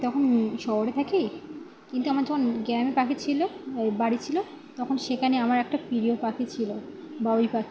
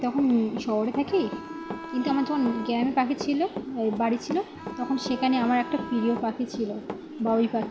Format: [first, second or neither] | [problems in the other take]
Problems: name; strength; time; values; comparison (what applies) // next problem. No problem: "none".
first | background sound (Run + Bowed string instrument); 11 dB below the speech